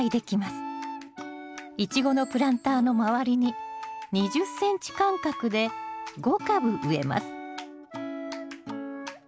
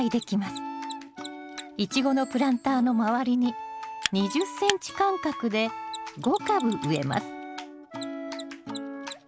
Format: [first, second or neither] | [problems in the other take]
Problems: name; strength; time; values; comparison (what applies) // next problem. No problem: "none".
first | background sound (Mechanisms); 15 dB below the speech